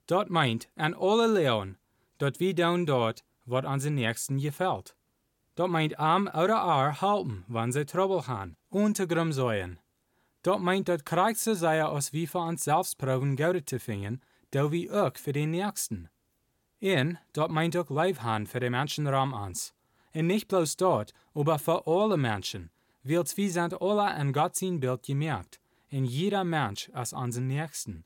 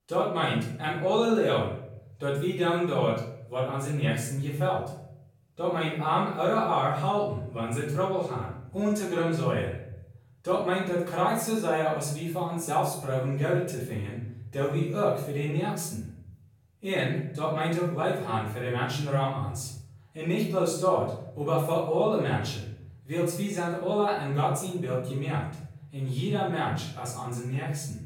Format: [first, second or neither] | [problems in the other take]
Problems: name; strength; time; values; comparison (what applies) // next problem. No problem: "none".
first | off-mic speech; far // room echo; noticeable; dies away in 0.7 s